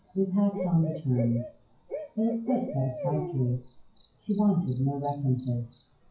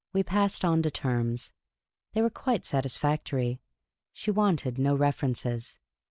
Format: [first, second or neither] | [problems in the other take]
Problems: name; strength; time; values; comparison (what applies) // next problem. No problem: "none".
second | noise reduction (classical method WPE with log-MMSE)